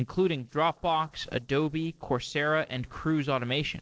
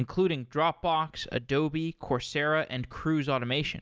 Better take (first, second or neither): second